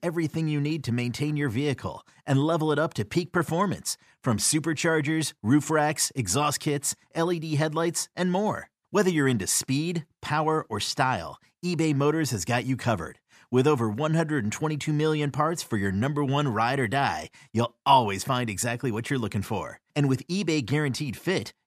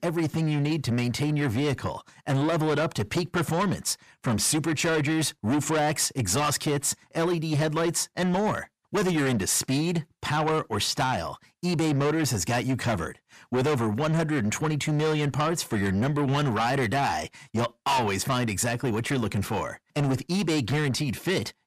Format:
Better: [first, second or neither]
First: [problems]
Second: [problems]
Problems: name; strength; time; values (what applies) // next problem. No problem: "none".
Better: first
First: none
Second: distortion; heavy; 8 dB below the speech